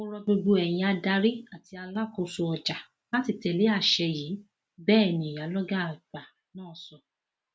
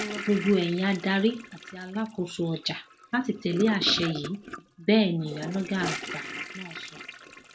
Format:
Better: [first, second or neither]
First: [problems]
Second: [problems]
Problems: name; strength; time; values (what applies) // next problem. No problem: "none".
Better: first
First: none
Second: background sound (Toilet flush / Gurgling); 11 dB below the speech